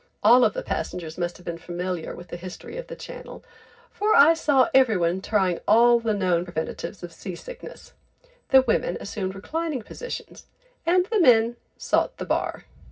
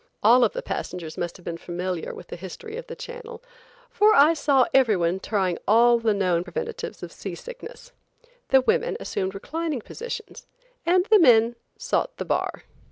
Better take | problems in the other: second | room echo; dies away in 0.4 s

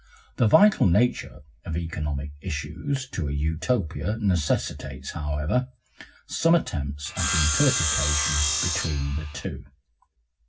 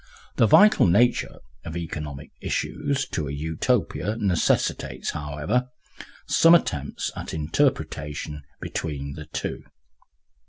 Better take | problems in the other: second | background sound (Sawing); 2 dB below the speech // room echo; dies away in 0.4 s

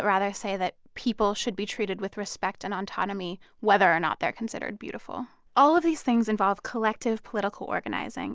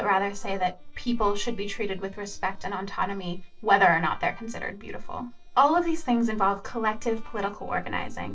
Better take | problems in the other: first | noise reduction (neural separator model SepFormer DNS4)

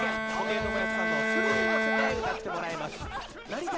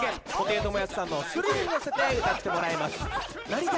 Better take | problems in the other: second | background sound (Bowed string instrument); 3 dB above the speech

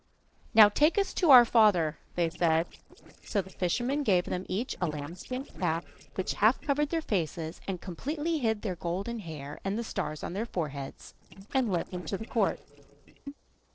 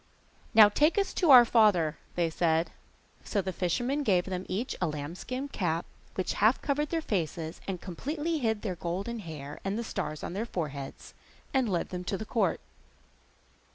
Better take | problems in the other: second | noise reduction (neural separator model SepFormer DNS4)

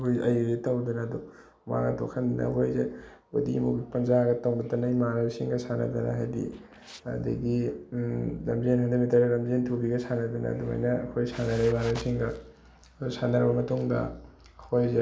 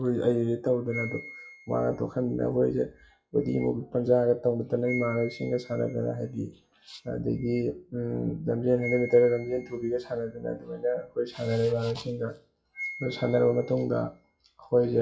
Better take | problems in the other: first | noise reduction (classical method WPE with log-MMSE)

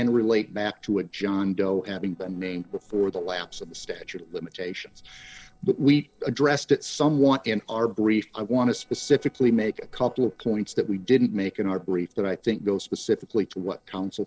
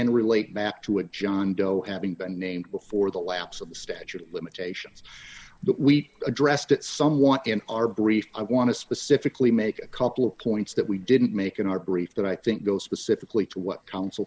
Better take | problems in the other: second | noise reduction (neural separator model SepFormer DNS4)

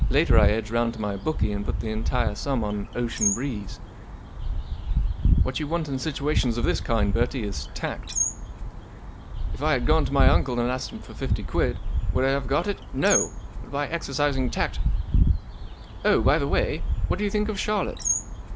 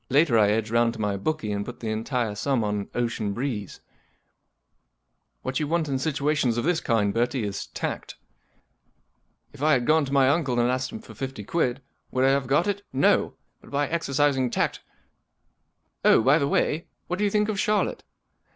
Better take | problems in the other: second | background sound (Bird); 2 dB above the speech

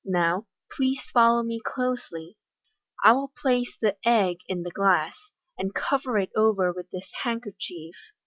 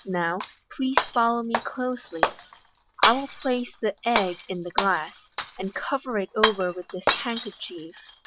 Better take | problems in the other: first | background sound (Shatter); 3 dB below the speech

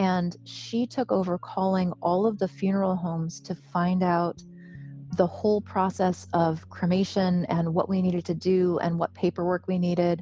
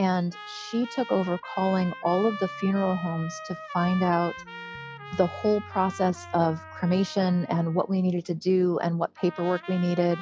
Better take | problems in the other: first | noise reduction (classical method log-MMSE)

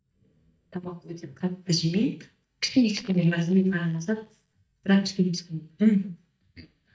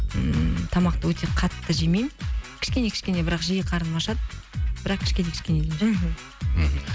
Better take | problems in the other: second | noise reduction (neural mask model DeepFilterNet 3)

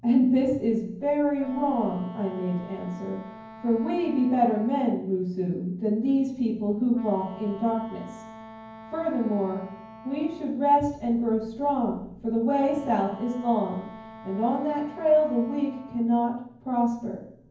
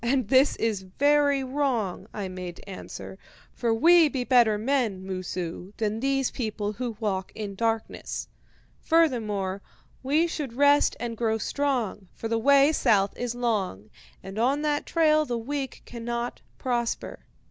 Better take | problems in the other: second | background sound (Wind instrument, woodwind instrument); 19 dB below the speech // room echo; dies away in 0.9 s

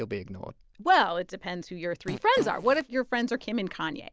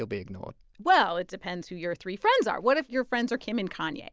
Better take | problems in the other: second | background sound (Fart); 14 dB below the speech

